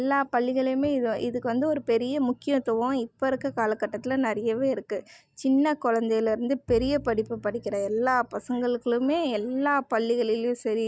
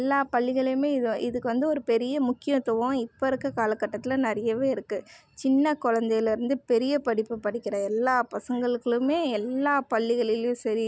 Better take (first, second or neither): second